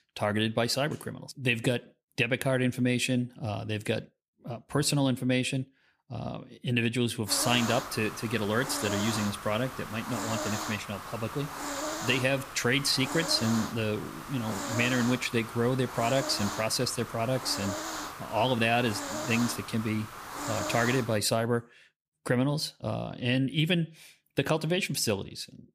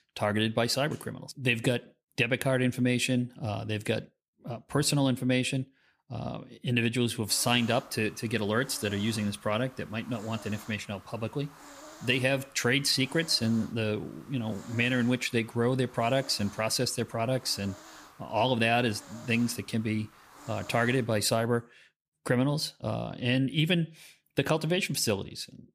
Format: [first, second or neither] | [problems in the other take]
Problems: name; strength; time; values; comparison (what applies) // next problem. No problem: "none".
second | hiss; loud; from 7.5 to 21 s; 7 dB below the speech; faint in the second